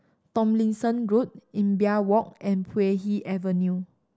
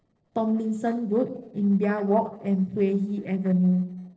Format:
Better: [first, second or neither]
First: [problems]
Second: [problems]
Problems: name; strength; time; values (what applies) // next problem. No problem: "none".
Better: first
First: none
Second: noise reduction (neural separator model SepFormer DNS4)